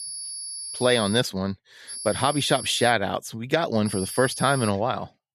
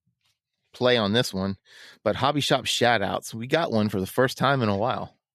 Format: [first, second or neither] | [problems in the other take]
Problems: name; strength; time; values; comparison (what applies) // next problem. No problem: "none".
second | high-pitched whine; loud; until 1 s, from 2 to 3 s and at 4 s; 10.5 kHz, 9 dB below the speech